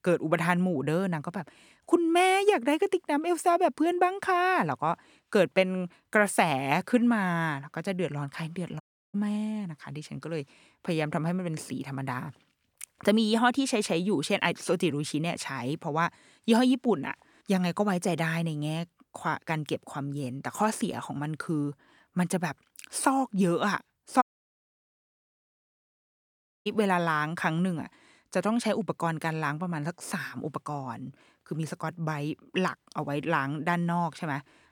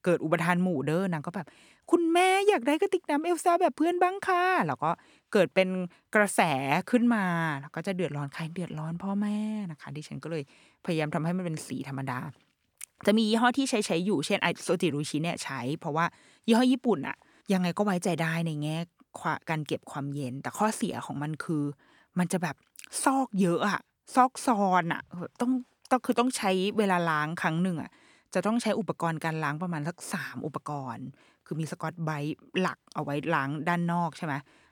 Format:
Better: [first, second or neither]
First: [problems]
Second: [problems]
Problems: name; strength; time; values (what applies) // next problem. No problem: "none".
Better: second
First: audio cutting out; at 9 s and at 24 s for 2.5 s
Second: none